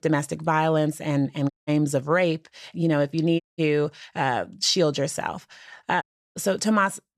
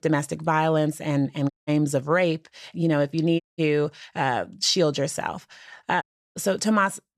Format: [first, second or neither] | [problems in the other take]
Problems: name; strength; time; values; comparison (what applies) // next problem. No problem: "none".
neither | audio cutting out; at 1.5 s, at 3.5 s and at 6 s; the same in both